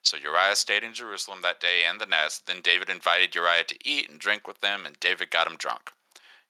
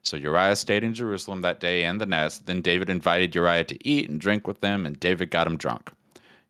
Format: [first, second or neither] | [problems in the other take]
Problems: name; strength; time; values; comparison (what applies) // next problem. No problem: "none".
second | thin; very; fading below 950 Hz